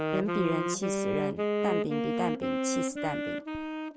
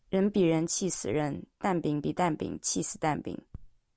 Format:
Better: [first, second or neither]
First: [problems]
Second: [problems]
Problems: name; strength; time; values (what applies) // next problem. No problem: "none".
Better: second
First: background sound (Wind instrument, woodwind instrument); 4 dB above the speech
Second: none